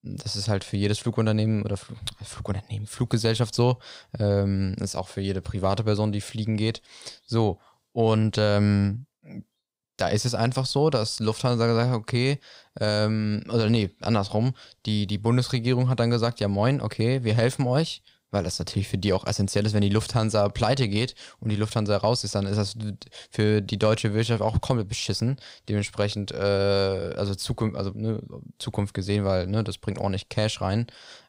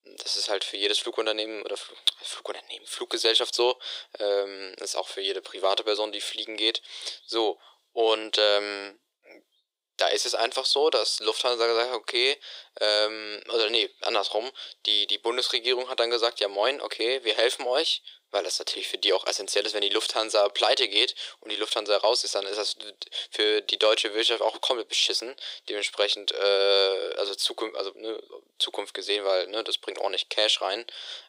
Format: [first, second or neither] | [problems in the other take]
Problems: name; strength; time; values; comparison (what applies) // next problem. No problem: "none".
first | thin; very; fading below 350 Hz